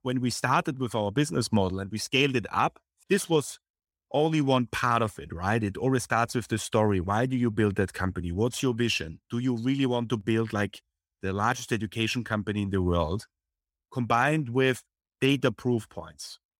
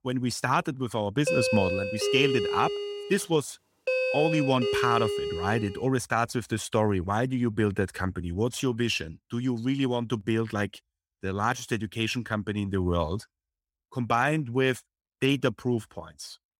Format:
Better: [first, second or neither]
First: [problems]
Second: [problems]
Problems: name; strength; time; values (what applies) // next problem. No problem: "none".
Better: first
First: none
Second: doorbell; loud; from 1.5 to 6 s; peak 2 dB above the speech